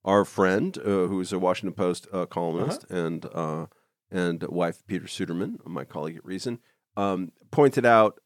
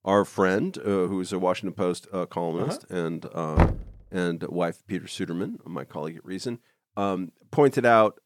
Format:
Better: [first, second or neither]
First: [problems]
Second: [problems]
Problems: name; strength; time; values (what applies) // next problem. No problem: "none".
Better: first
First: none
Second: door banging; loud; at 3.5 s; peak 3 dB above the speech